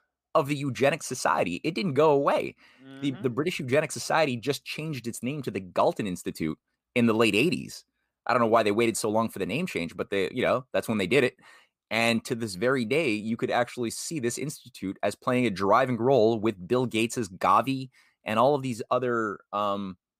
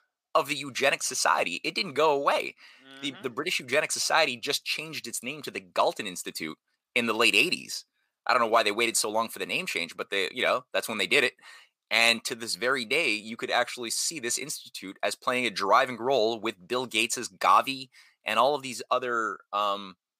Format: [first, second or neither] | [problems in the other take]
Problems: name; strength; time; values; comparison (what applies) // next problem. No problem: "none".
first | thin; somewhat; fading below 1 kHz